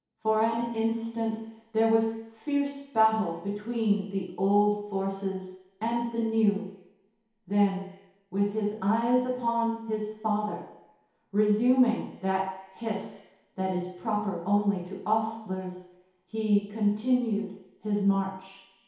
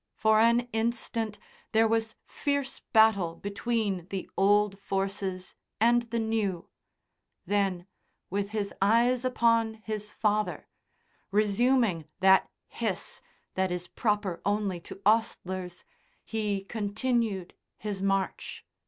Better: second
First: room echo; dies away in 2.2 s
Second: none

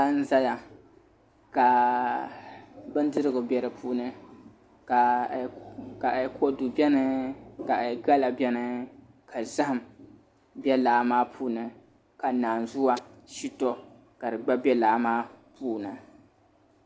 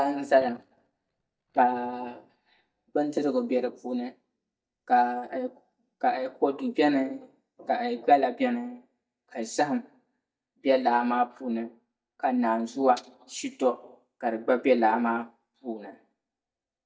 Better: first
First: none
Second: noise reduction (neural mask model DeepFilterNet 3)

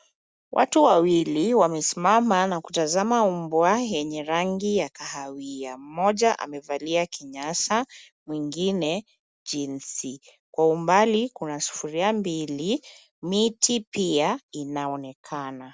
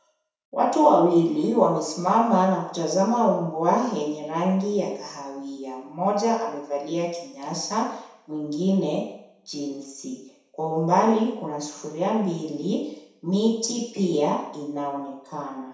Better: first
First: none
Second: room echo; dies away in 0.7 s

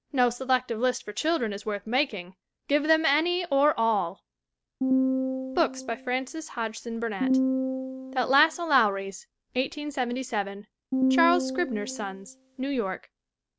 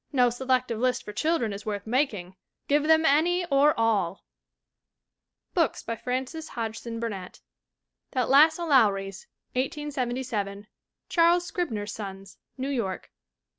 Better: second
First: background sound (Piano); 1 dB below the speech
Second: none

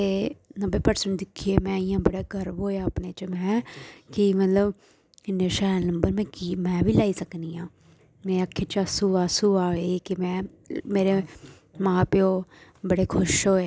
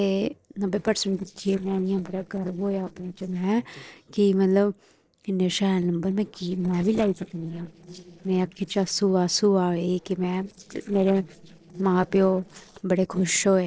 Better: first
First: none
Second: noise reduction (neural separator model SepFormer DNS4)

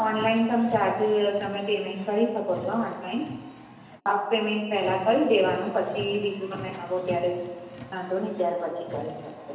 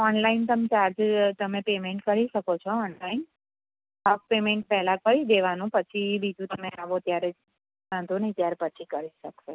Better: second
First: background sound (Car); 16 dB below the speech // room echo; dies away in 1 s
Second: none

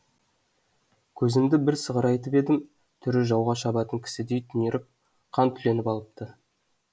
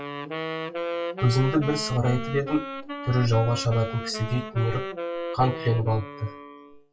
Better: first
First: none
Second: noise reduction (classical method WPE with log-MMSE)

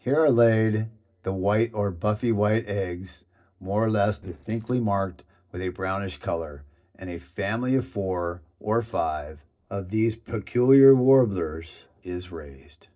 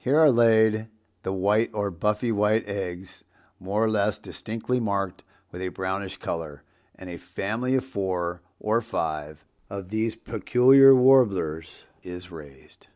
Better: second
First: noise reduction (neural separator model SepFormer DNS4)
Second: none

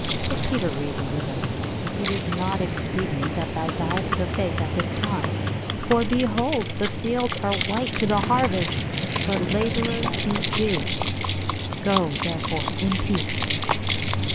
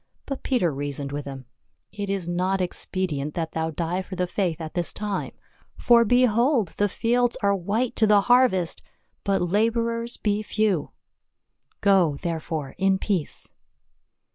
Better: second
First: background sound (Livestock, farm animals, working animals + Keys jangling); 1 dB above the speech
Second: none

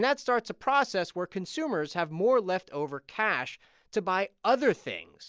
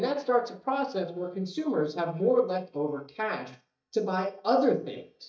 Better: first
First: none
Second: noise reduction (neural mask model DeepFilterNet 3)

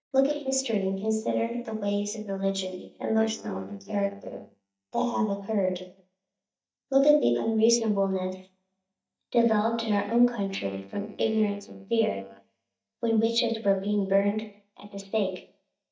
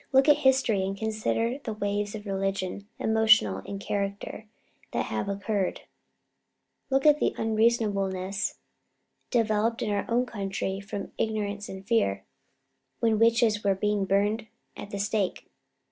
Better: second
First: noise reduction (neural mask model DeepFilterNet 3)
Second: none

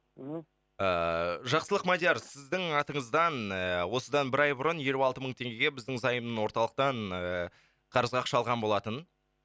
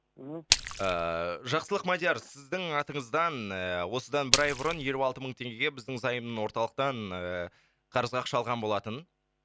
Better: first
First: none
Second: background sound (Splash, splatter); as loud as the speech

